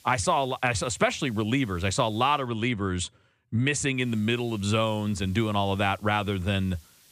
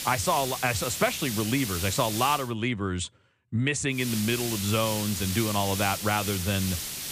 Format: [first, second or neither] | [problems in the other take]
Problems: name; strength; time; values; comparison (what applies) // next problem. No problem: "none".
first | hiss; loud; until 2.5 s and from 4 s on; 4 dB below the speech; faint in the first